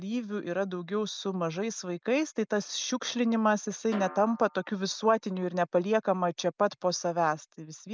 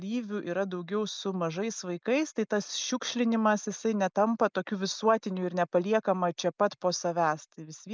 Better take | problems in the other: second | background sound (Snare drum); 17 dB below the speech

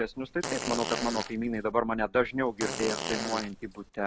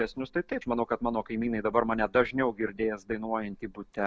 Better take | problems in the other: second | background sound (Fart); 6 dB below the speech

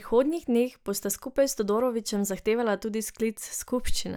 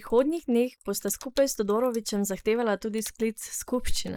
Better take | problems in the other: first | noise reduction (neural mask model Resemble Enhance denoiser)

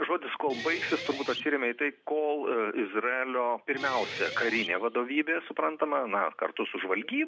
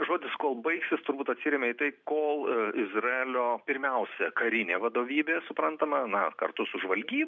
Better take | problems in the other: second | background sound (Guitar); 11 dB below the speech

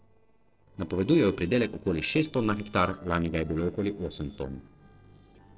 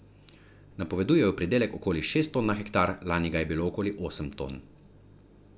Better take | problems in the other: second | noise reduction (neural separator model SepFormer DNS4)

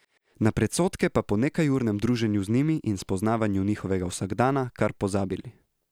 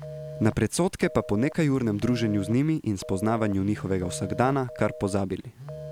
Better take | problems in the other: first | background sound (Telephone + Telephone); 14 dB below the speech

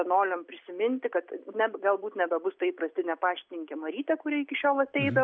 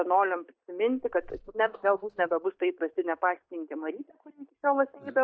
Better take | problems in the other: first | noise reduction (neural mask model DeepFilterNet 3)

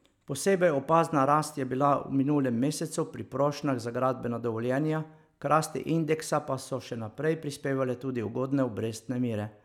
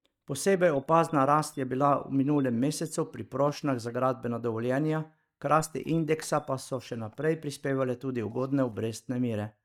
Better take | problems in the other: first | noise reduction (neural mask model DeepFilterNet 3)

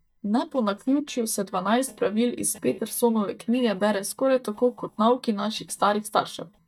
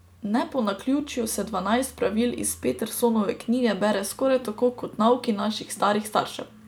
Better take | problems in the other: second | noise reduction (neural mask model DeepFilterNet 3)

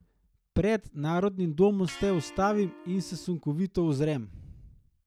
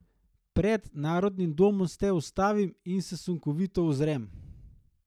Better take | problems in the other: second | background sound (Electric guitar); 19 dB below the speech

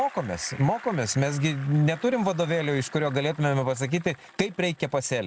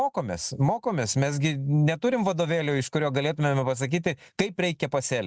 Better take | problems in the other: second | background sound (Bicycle); 20 dB below the speech

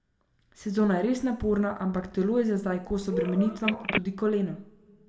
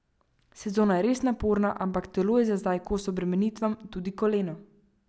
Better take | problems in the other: second | background sound (Telephone); 4 dB below the speech // room echo; dies away in 0.6 s

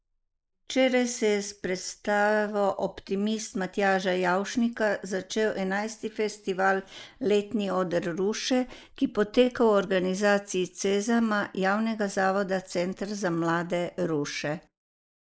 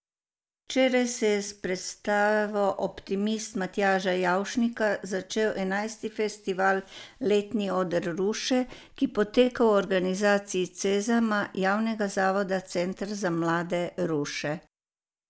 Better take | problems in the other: second | noise reduction (neural mask model Resemble Enhance denoiser)

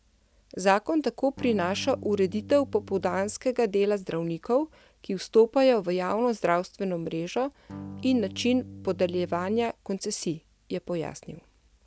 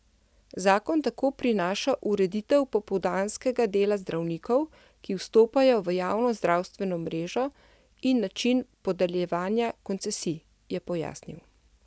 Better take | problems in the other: second | background sound (Electric guitar / Strum); 15 dB below the speech

